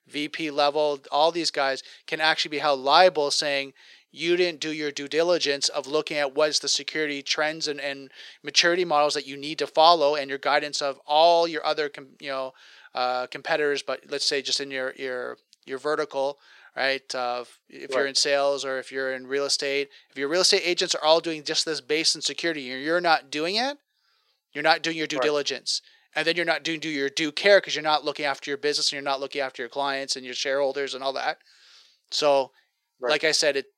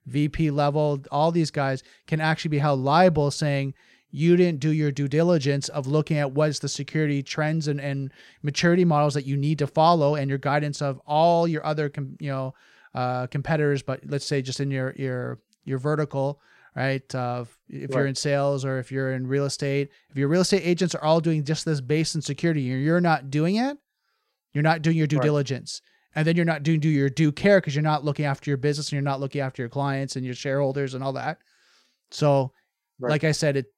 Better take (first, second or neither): second